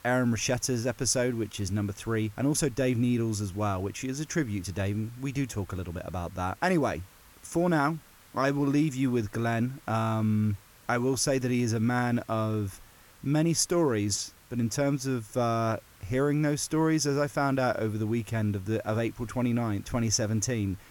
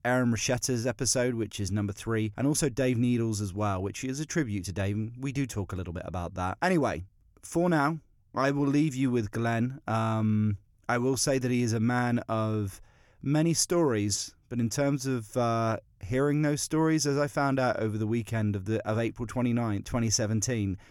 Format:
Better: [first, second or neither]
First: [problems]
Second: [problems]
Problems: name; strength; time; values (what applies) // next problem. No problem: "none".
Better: second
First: hiss; faint; throughout; 25 dB below the speech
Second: none